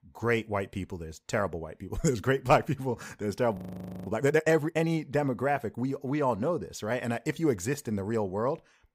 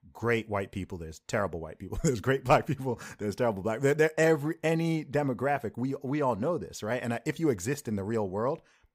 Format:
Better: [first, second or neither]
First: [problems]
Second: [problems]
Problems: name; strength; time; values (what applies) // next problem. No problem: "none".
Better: second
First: audio freezing; at 3.5 s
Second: none